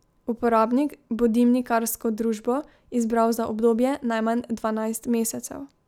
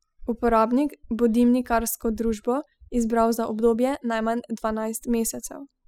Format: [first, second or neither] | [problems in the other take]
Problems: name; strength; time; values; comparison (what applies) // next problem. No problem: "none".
first | noise reduction (classical method spectral subtraction)